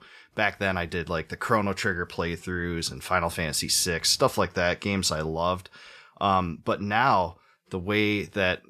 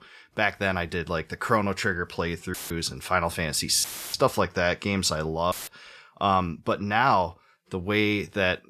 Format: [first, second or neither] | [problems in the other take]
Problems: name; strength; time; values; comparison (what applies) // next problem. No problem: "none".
first | audio cutting out; filled with static; at 2.5 s, at 4 s and at 5.5 s